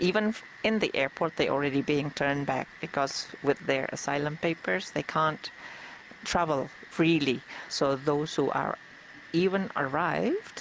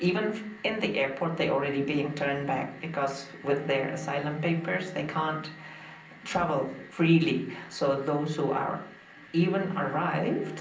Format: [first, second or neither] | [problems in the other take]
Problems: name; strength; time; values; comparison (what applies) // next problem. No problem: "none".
first | background sound (Bowed string instrument); 18 dB below the speech // room echo; dies away in 0.6 s